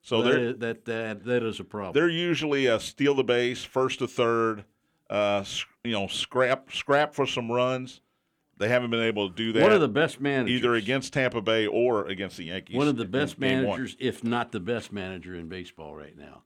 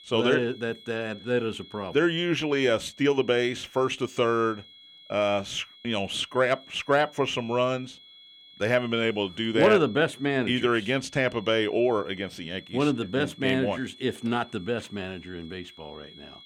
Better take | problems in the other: first | high-pitched whine; faint; throughout; 3.5 kHz, 20 dB below the speech

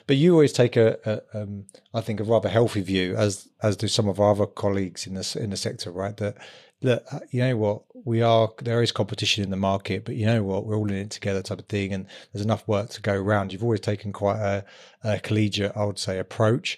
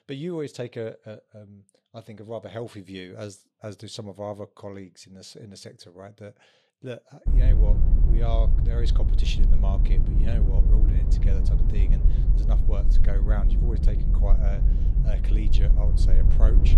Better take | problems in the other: first | low rumble; loud; from 7.5 s on; 3 dB below the speech

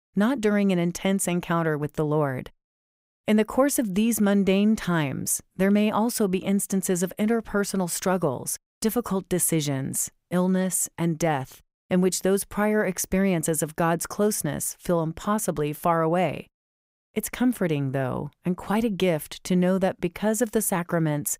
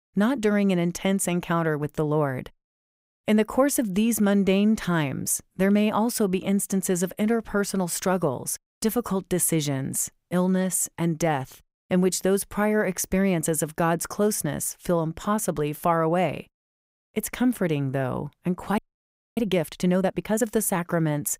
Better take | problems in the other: first | audio freezing; at 19 s for 0.5 s

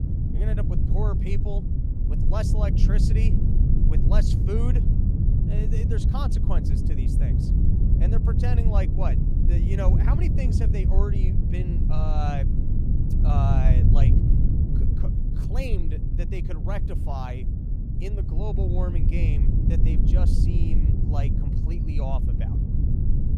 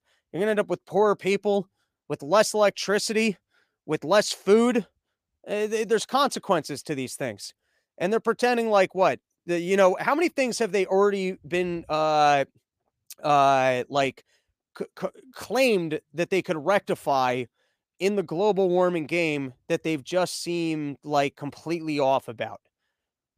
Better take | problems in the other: second | low rumble; loud; throughout; 1 dB below the speech

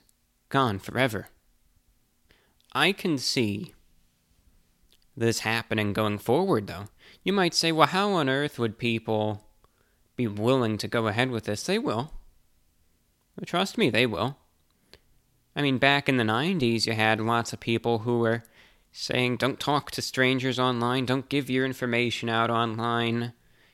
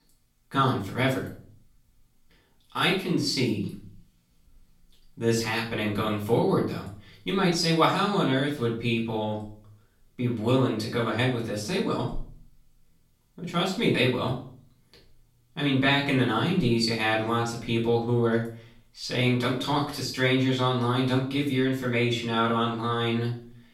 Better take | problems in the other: first | room echo; slight; dies away in 0.4 s // off-mic speech; far

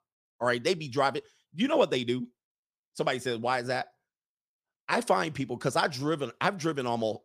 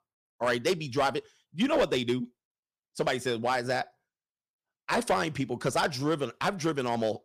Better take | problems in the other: first | distortion; slight; 3% of the sound clipped

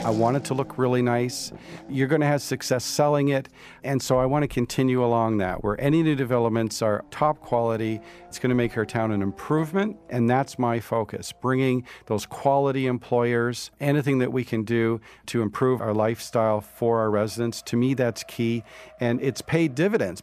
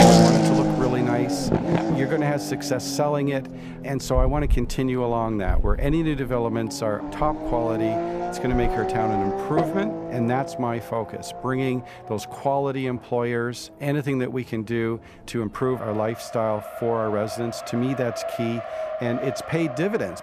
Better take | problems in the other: first | traffic noise; loud; throughout; 1 dB below the speech; faint in the first

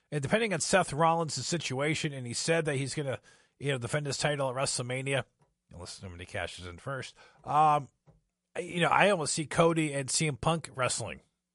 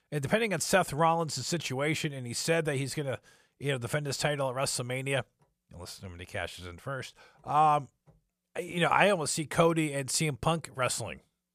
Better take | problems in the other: second | garbled, watery; slightly; nothing above 10.5 kHz

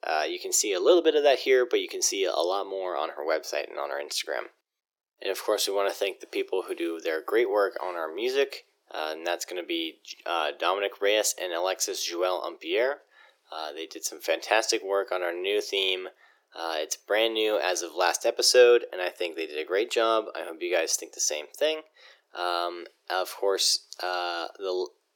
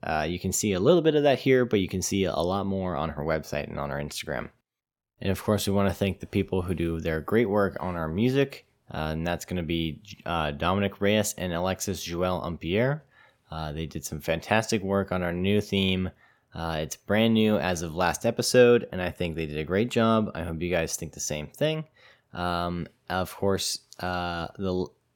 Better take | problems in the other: second | thin; very; fading below 350 Hz

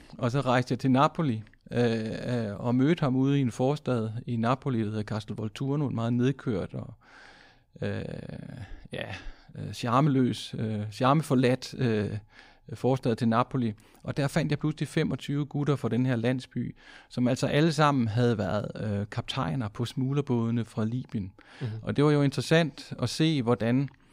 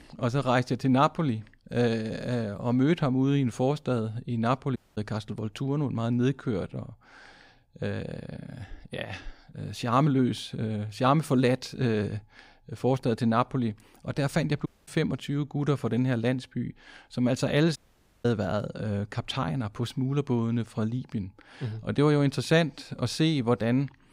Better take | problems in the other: first | audio cutting out; at 5 s, at 15 s and at 18 s

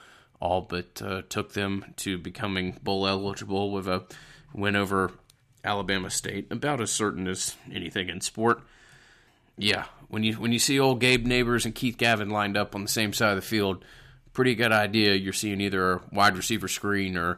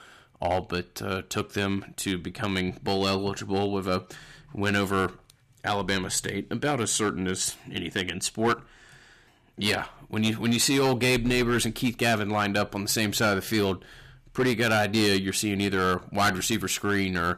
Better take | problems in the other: first | distortion; slight; 5% of the sound clipped

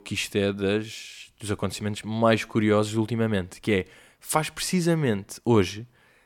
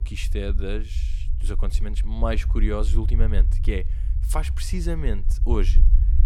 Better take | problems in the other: first | low rumble; noticeable; throughout; 15 dB below the speech

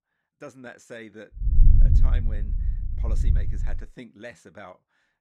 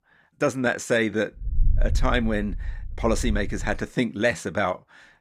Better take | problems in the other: second | low rumble; loud; from 1.5 to 3.5 s; 1 dB below the speech; faint in the second

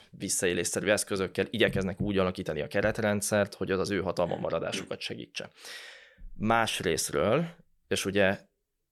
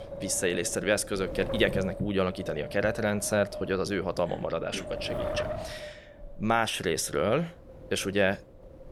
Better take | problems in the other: first | wind noise on the microphone; heavy; 9 dB below the speech

